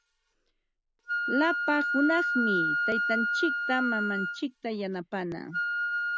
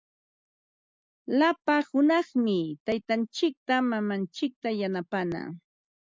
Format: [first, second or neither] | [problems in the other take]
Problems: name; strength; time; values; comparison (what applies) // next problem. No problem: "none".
second | background sound (Wind instrument, woodwind instrument); 1 dB above the speech